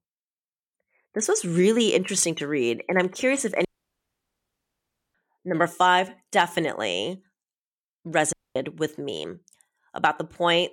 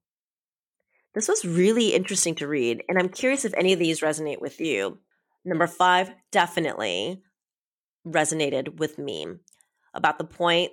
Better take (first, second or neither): second